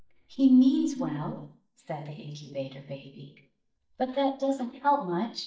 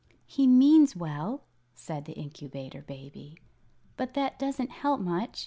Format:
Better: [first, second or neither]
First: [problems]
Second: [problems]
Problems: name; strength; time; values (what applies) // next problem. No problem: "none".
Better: second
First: noise reduction (neural mask model DeepFilterNet 3)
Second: none